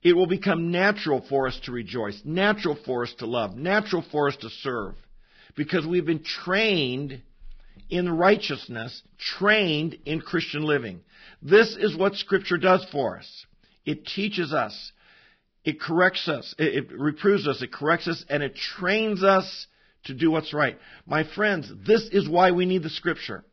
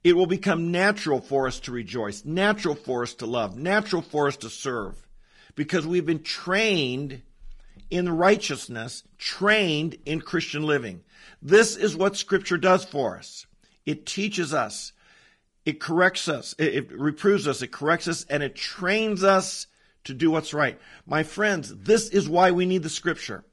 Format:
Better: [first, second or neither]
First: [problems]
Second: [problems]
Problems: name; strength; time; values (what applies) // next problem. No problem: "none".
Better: second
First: garbled, watery; badly; nothing above 5.5 kHz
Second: garbled, watery; slightly; nothing above 10.5 kHz